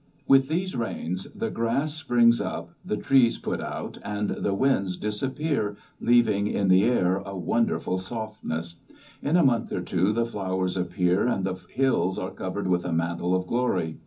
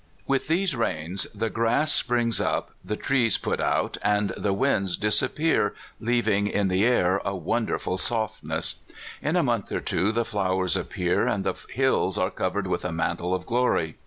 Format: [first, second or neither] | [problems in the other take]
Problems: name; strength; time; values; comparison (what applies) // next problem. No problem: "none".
second | room echo; dies away in 0.3 s